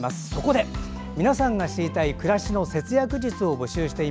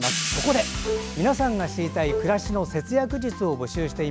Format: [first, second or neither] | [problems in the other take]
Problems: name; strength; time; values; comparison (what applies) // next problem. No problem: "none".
first | background sound (Bowed string instrument + Hi-hat); 7 dB below the speech